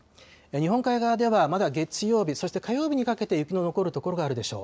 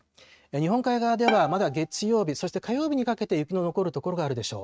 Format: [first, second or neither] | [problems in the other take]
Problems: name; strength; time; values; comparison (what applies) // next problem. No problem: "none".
first | noise reduction (neural mask model RNNoise)